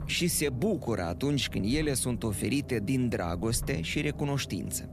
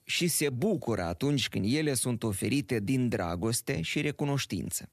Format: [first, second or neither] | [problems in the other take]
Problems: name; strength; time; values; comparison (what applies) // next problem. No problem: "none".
second | low rumble; noticeable; throughout; 15 dB below the speech